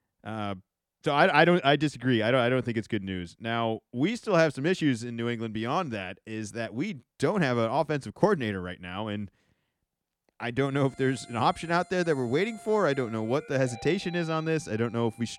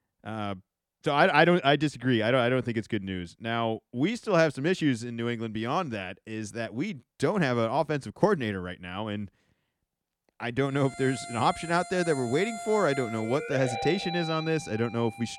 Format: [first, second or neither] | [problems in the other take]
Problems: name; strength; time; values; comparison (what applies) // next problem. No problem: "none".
first | background music; loud; from 11 s on; 10 dB below the speech; faint in the first